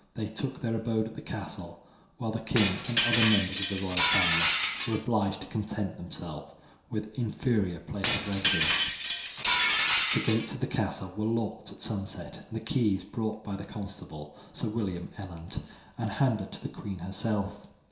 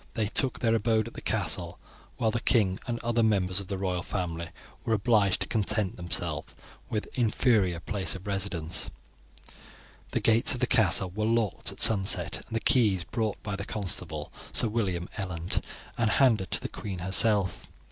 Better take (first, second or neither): second